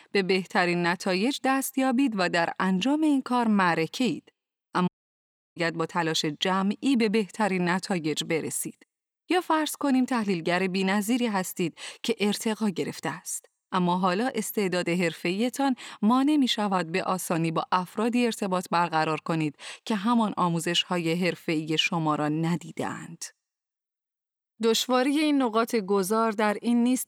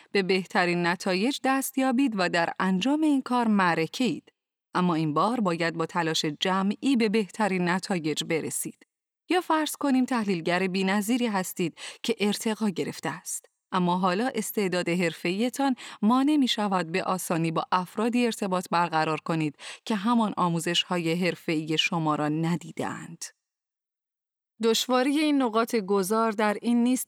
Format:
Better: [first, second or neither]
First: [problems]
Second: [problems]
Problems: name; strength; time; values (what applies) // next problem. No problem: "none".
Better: second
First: audio cutting out; at 5 s for 0.5 s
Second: none